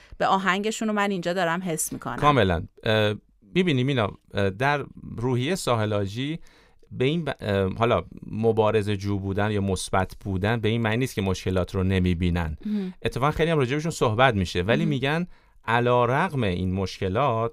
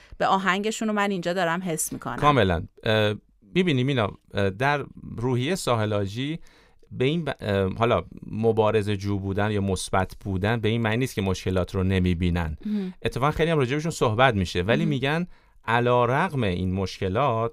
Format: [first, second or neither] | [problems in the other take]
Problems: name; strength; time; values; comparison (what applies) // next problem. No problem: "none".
neither | none